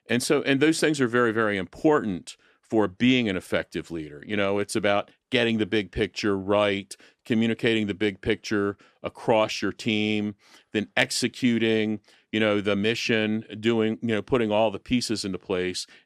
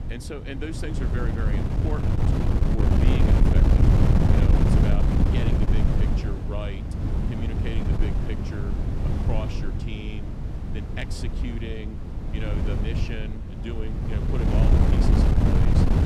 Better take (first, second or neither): first